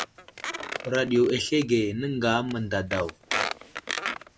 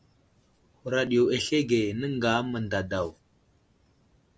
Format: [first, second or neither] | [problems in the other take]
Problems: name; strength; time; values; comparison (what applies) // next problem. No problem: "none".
second | background sound (Squeak); 8 dB below the speech